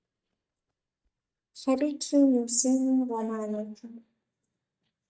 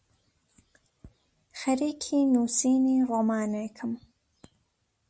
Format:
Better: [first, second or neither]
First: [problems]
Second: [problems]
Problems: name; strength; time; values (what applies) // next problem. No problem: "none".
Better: second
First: noise reduction (neural mask model DeepFilterNet 3)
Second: none